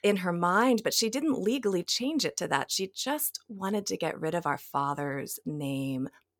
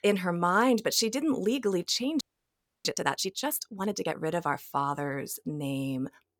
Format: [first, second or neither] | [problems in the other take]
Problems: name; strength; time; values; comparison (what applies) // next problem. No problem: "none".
first | audio freezing; at 2 s for 0.5 s